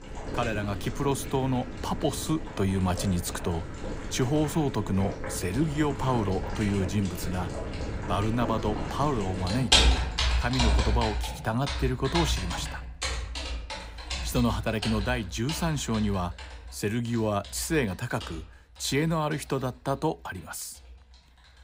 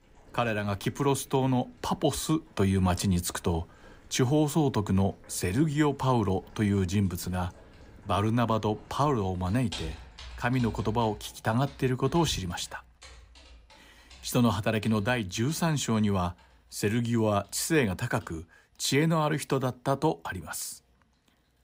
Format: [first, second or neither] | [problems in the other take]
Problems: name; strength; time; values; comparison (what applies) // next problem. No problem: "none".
second | household noises; loud; throughout; 2 dB below the speech; faint in the second